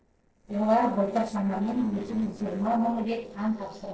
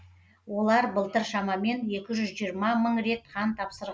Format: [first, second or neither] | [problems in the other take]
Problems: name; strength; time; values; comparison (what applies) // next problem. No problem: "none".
second | noise reduction (neural separator model SepFormer DNS4)